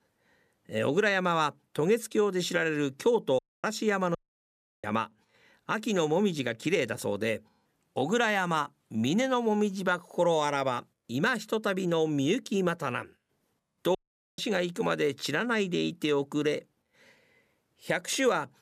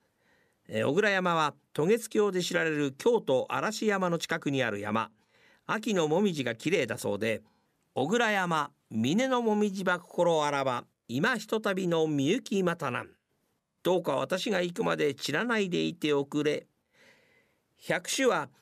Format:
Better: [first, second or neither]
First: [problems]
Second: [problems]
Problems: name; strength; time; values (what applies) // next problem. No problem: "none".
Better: second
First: audio cutting out; at 3.5 s, at 4 s for 0.5 s and at 14 s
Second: none